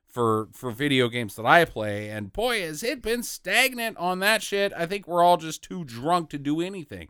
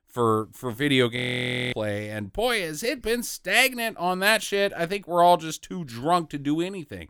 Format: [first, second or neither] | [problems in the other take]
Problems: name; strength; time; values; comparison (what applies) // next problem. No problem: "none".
first | audio freezing; at 1 s for 0.5 s